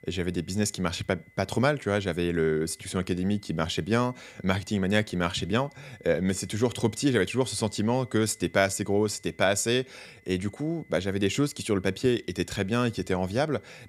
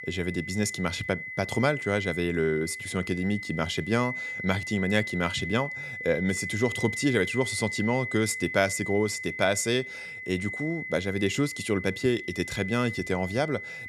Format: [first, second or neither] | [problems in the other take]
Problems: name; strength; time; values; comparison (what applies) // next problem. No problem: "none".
first | high-pitched whine; loud; throughout; 2 kHz, 6 dB below the speech; faint in the first